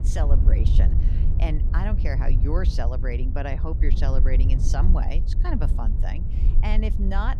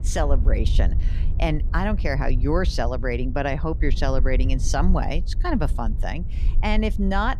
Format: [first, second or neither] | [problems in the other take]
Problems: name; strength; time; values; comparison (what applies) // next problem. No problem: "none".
second | wind noise on the microphone; heavy; 7 dB below the speech; occasional gusts in the second